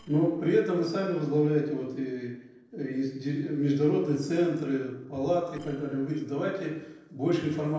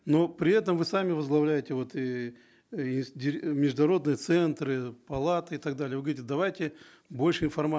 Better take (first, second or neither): second